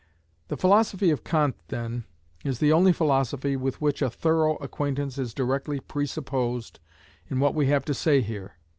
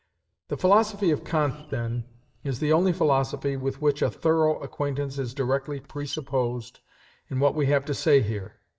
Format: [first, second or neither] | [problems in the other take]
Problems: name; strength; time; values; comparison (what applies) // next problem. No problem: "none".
first | noise reduction (neural mask model DeepFilterNet 3)